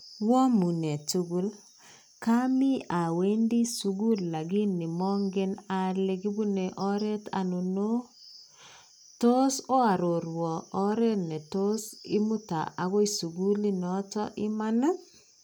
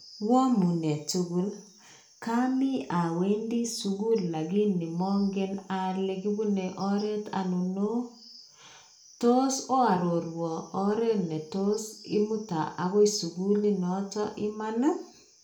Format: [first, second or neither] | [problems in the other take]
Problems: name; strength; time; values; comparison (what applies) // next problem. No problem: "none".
first | room echo; dies away in 0.4 s